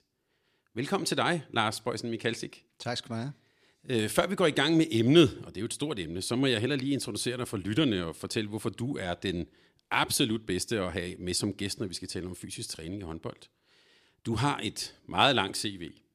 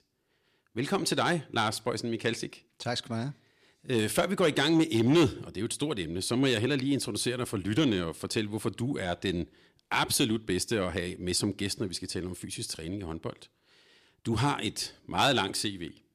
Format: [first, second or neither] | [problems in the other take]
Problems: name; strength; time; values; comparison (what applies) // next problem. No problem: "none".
first | distortion; slight; 10 dB below the speech